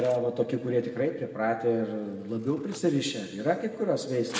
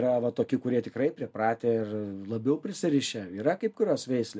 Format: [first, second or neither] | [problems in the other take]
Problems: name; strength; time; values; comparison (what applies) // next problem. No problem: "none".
second | background sound (Scissors); 18 dB below the speech // room echo; dies away in 1.4 s